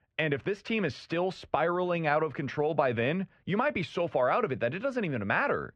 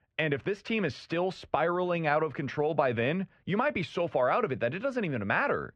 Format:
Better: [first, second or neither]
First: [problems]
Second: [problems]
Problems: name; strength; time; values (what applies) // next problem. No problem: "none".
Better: neither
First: muffled; very; fading above 2 kHz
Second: muffled; very; fading above 2 kHz